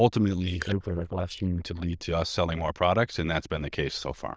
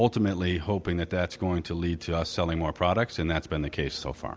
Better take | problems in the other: second | noise reduction (neural diffusion model UNIVERSE++)

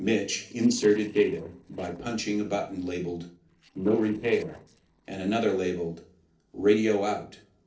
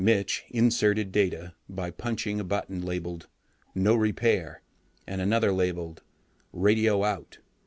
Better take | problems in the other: second | noise reduction (neural separator model SepFormer DNS4)

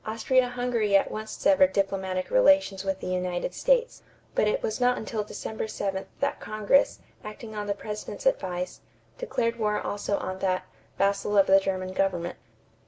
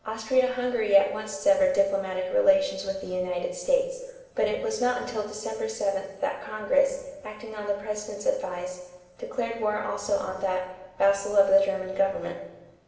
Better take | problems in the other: first | room echo; dies away in 1 s

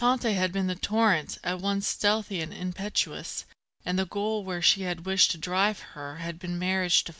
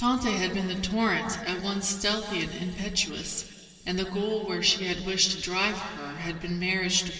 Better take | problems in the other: first | room echo; dies away in 2.5 s

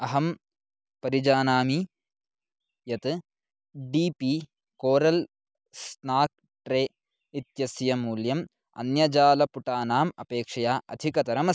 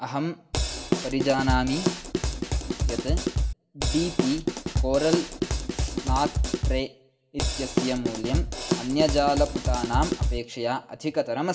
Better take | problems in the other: first | background sound (Drum kit); 2 dB above the speech // room echo; dies away in 0.4 s

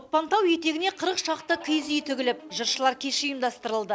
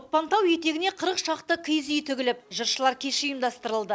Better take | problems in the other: second | background sound (Guitar); 20 dB below the speech

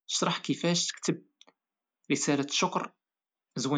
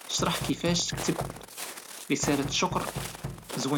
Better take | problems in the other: first | background sound (Walk, footsteps + Knock); 6 dB below the speech

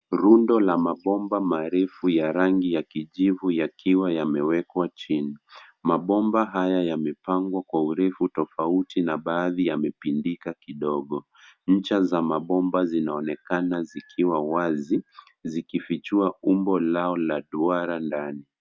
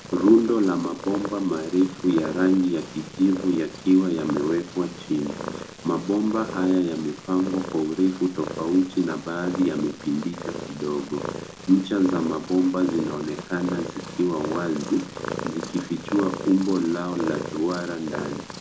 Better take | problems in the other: first | background sound (Purr); 11 dB below the speech // room echo; dies away in 0.3 s

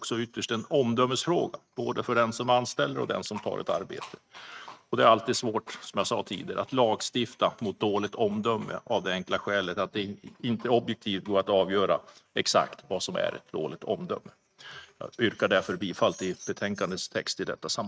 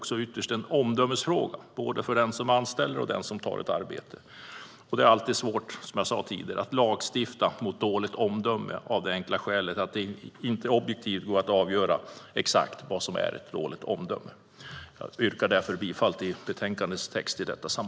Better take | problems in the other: second | noise reduction (neural mask model RNNoise)

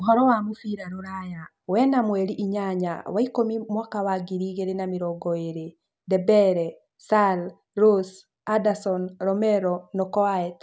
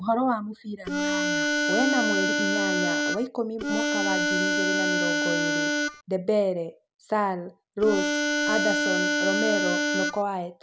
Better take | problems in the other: first | background sound (Harmonica); 4 dB above the speech

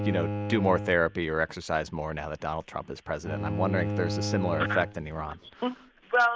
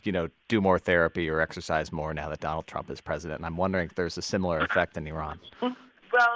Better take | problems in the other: second | background sound (Bowed string instrument); 6 dB below the speech

